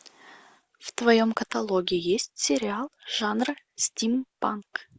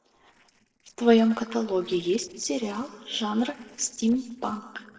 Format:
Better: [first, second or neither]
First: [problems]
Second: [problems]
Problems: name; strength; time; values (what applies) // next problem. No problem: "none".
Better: first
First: none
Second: noise reduction (neural separator model SepFormer DNS4)